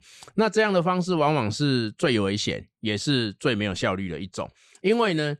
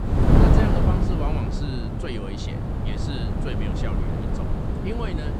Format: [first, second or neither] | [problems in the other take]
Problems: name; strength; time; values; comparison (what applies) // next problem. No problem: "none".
first | wind noise on the microphone; heavy; 5 dB above the speech